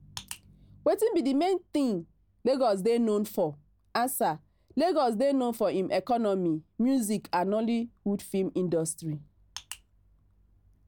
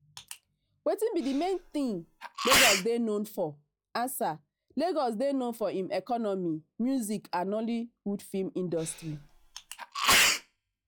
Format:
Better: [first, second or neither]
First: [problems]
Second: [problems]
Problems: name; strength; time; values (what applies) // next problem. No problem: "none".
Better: first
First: none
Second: noise reduction (classical method log-MMSE)